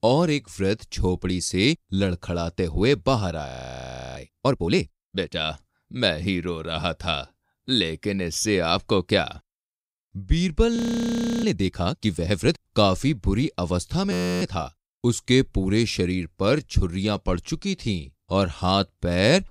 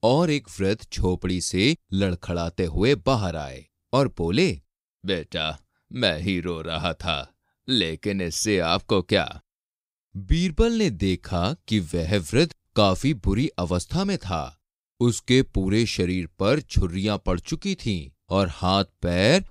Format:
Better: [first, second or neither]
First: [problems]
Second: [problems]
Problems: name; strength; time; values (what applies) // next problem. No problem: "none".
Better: second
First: audio freezing; at 3.5 s for 0.5 s, at 11 s for 0.5 s and at 14 s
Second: none